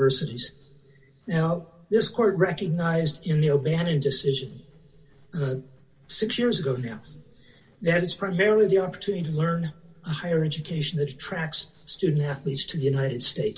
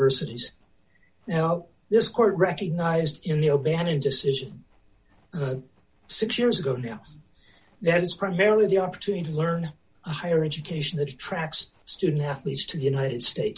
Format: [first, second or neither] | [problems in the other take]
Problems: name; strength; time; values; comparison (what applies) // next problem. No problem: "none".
second | room echo; dies away in 0.3 s